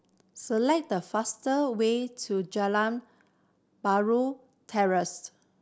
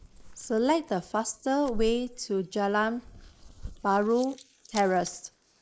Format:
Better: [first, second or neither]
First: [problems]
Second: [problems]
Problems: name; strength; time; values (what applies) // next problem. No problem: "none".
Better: first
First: none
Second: noise reduction (neural mask model Resemble Enhance denoiser)